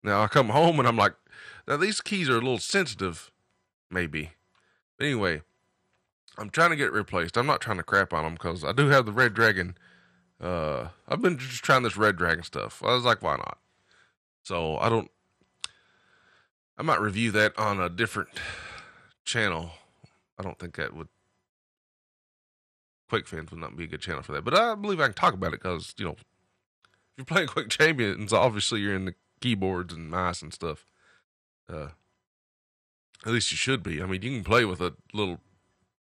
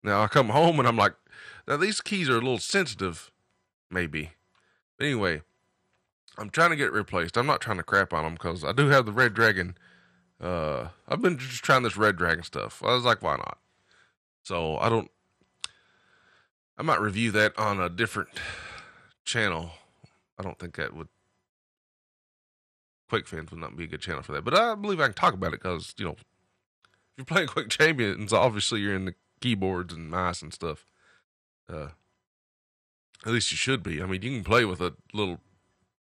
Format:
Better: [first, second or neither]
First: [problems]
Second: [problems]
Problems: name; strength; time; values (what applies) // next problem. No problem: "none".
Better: neither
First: audio cutting out; at 22 s for 1.5 s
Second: audio cutting out; at 22 s for 1.5 s